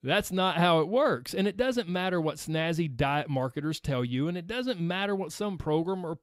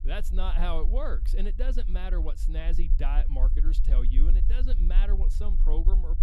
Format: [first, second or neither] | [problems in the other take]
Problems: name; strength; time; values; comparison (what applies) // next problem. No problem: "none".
first | low rumble; noticeable; throughout; 10 dB below the speech